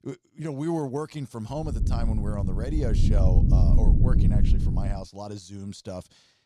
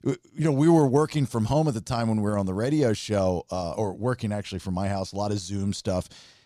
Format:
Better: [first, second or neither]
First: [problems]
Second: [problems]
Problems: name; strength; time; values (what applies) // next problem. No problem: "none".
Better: second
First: low rumble; loud; from 1.5 to 5 s; 2 dB below the speech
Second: none